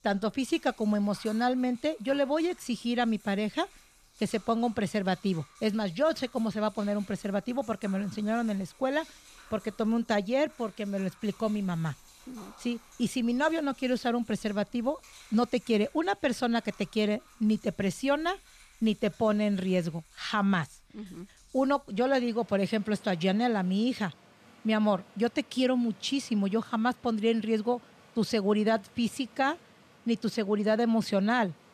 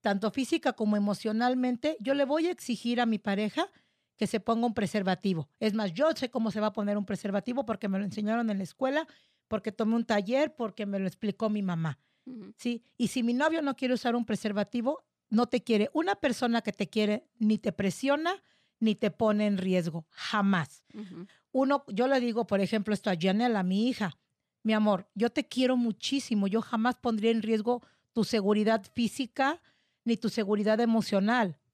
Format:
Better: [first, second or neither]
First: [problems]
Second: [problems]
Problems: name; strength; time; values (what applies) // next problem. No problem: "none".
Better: second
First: rain or running water; faint; throughout; 25 dB below the speech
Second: none